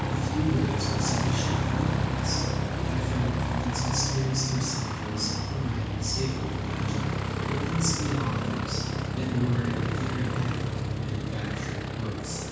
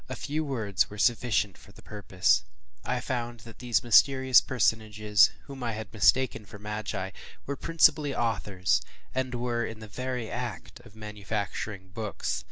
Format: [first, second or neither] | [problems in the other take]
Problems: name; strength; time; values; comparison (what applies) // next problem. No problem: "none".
second | background sound (Aircraft); 3 dB above the speech // room echo; dies away in 1.2 s